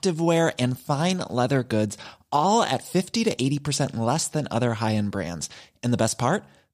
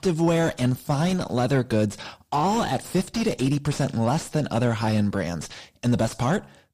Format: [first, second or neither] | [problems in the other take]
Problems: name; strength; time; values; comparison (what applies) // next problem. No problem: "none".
first | distortion; heavy; 7 dB below the speech